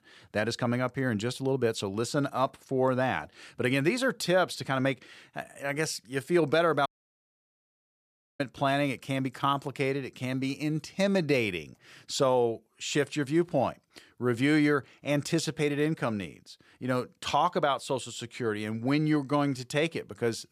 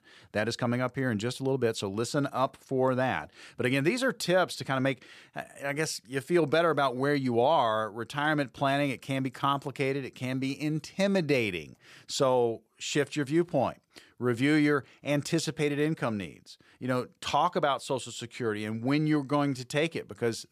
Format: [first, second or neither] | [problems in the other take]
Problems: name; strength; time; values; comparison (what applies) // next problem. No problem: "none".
second | audio cutting out; at 7 s for 1.5 s